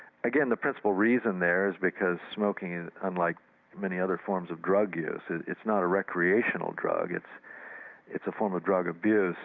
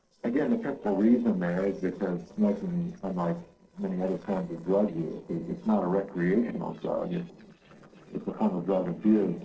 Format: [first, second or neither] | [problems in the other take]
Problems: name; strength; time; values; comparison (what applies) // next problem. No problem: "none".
first | noise reduction (neural separator model SepFormer DNS4)